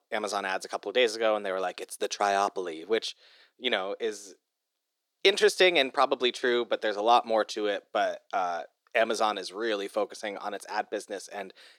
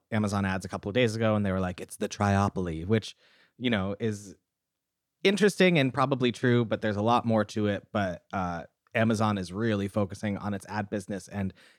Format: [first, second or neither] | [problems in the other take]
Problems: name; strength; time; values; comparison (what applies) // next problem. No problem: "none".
second | thin; very; fading below 350 Hz